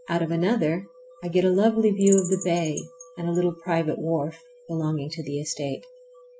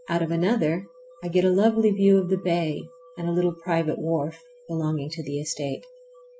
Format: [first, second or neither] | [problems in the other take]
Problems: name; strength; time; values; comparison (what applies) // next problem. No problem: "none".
second | background sound (Bird vocalization, bird call, bird song); 13 dB below the speech